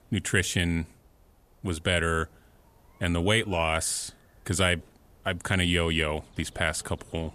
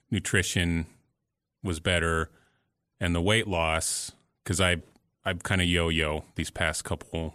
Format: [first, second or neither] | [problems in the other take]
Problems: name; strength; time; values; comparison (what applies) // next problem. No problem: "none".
second | animal sounds; faint; throughout; 30 dB below the speech